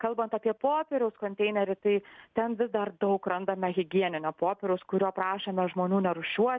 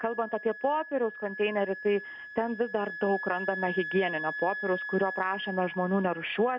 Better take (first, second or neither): first